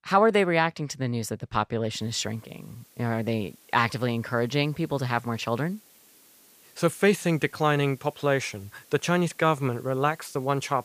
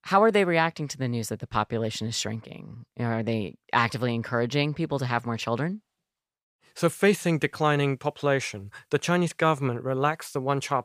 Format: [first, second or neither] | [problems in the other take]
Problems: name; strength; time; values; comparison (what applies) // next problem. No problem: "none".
second | hiss; faint; from 2 s on; 25 dB below the speech